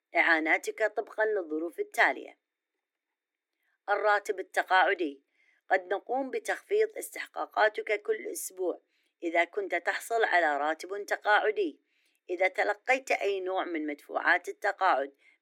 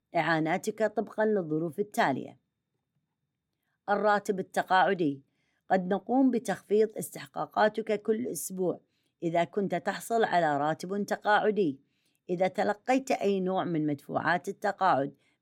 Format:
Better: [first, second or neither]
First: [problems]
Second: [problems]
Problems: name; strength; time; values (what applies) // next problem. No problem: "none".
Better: second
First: thin; very; fading below 300 Hz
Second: none